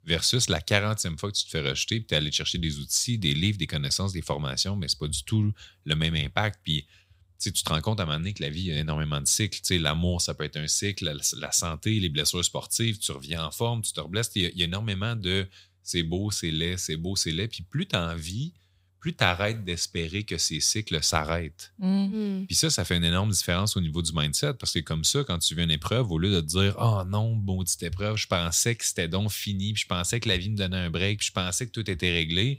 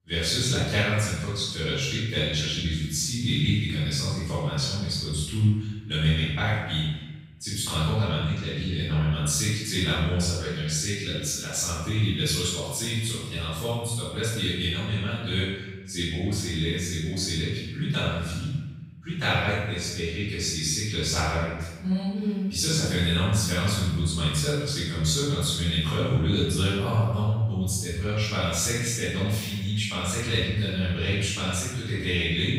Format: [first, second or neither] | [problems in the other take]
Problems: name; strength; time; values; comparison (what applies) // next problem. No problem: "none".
first | off-mic speech; far // room echo; strong; dies away in 1.1 s